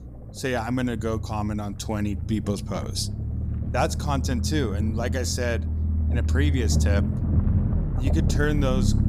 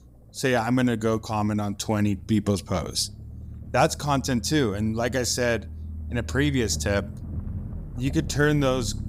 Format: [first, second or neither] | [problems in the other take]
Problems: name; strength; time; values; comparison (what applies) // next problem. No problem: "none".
second | low rumble; loud; throughout; 8 dB below the speech; faint in the second